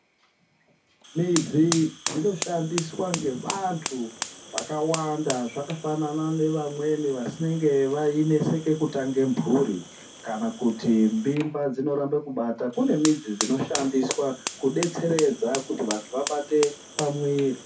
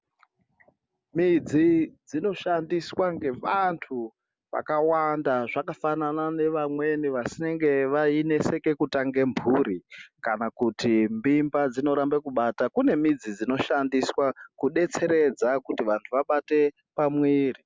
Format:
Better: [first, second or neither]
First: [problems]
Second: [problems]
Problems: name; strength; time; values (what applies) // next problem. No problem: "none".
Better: second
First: background sound (Fire); 11 dB below the speech // room echo; dies away in 0.3 s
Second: none